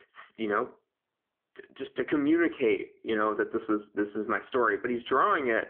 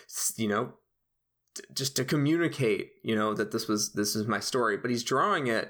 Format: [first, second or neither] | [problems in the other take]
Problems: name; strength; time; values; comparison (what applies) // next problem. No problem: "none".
second | phone-call audio; poor line; nothing above 3.5 kHz